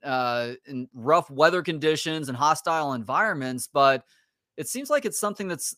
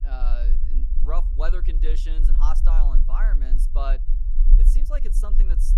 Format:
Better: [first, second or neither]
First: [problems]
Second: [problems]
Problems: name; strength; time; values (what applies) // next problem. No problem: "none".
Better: first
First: none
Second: low rumble; noticeable; throughout; 10 dB below the speech